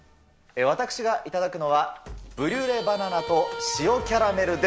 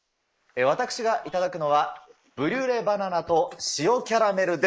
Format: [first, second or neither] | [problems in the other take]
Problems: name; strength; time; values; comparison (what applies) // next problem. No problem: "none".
first | noise reduction (neural mask model Resemble Enhance denoiser)